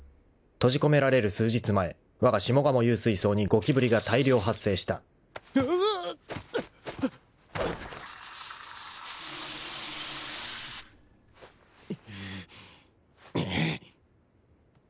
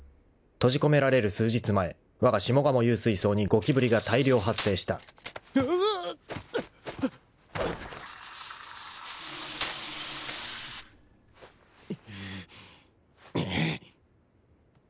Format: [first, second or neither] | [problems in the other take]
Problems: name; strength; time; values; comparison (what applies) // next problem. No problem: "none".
first | background sound (Glass); 13 dB below the speech